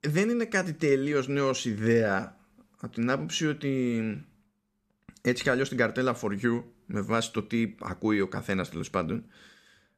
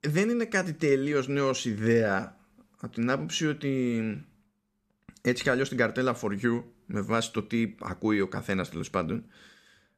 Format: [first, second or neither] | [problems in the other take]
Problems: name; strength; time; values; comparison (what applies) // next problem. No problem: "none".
neither | none